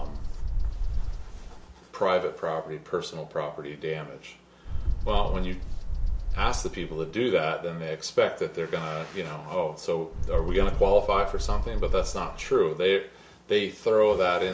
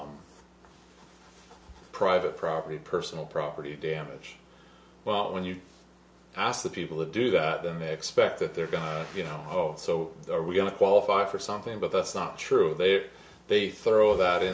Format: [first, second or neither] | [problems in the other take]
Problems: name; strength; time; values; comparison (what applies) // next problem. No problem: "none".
second | background sound (Bird); 3 dB below the speech